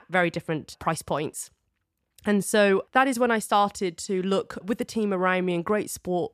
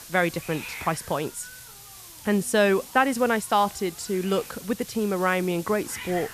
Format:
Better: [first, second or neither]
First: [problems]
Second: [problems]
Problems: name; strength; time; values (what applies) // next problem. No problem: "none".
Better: first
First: none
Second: hiss; noticeable; throughout; 15 dB below the speech